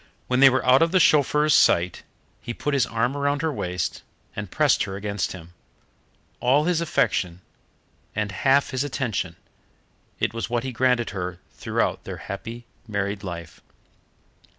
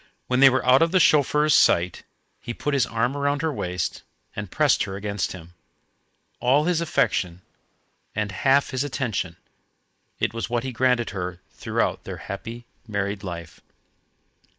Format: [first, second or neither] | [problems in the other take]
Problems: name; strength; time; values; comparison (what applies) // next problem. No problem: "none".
first | noise reduction (neural mask model Resemble Enhance denoiser)